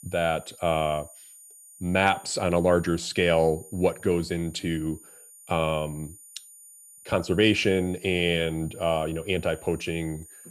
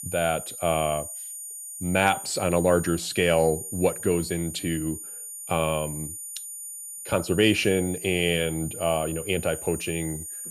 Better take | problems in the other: first | high-pitched whine; loud; throughout; 9 kHz, 9 dB below the speech; faint in the first

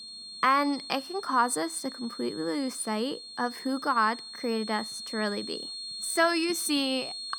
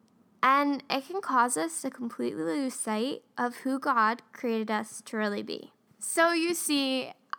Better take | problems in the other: second | high-pitched whine; loud; throughout; 4.5 kHz, 9 dB below the speech

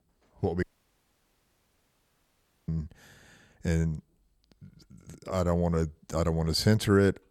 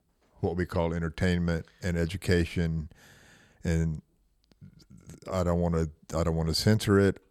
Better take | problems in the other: second | audio cutting out; at 0.5 s for 2 s

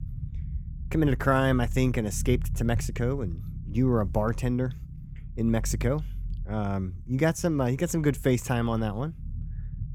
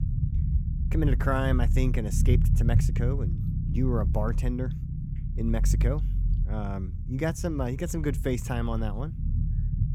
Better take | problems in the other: first | low rumble; loud; throughout; 9 dB below the speech; faint in the first

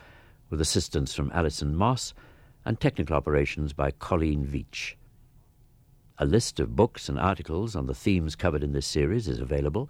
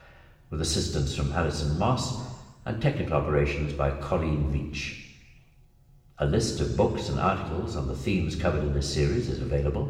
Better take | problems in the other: first | room echo; noticeable; dies away in 1.1 s // off-mic speech; somewhat distant

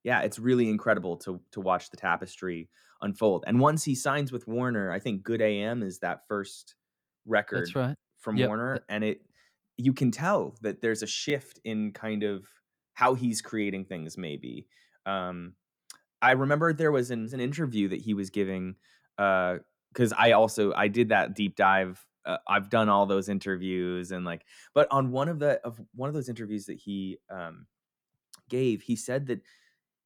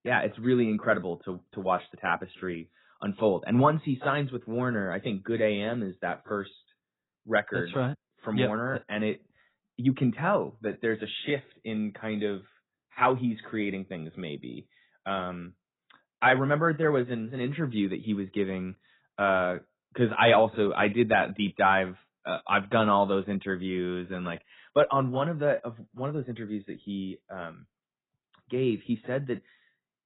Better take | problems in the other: first | garbled, watery; badly; nothing above 4 kHz

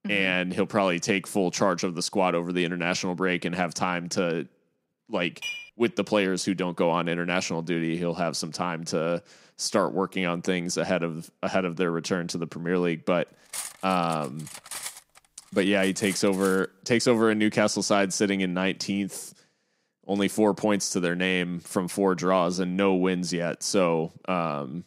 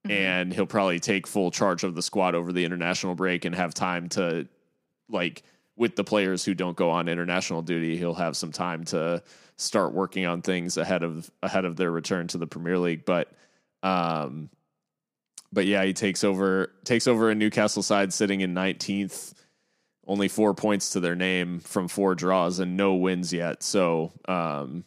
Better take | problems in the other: second | clattering dishes; noticeable; at 5.5 s and from 14 to 17 s; peak 8 dB below the speech

